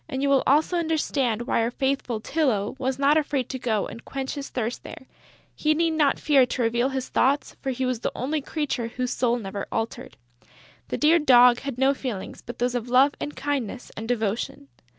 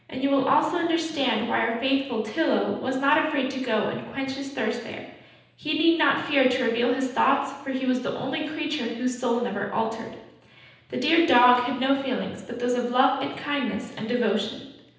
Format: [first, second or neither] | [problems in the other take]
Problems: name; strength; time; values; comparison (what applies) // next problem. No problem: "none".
first | room echo; dies away in 0.9 s